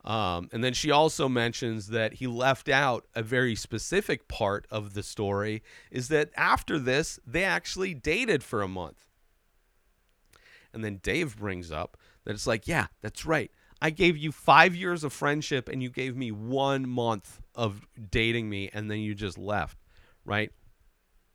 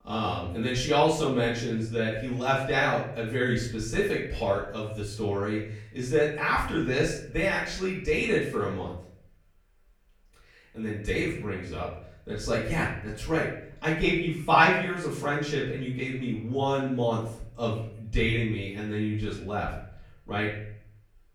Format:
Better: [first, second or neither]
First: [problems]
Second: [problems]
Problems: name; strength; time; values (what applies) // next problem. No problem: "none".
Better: first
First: none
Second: room echo; noticeable; dies away in 0.6 s // off-mic speech; far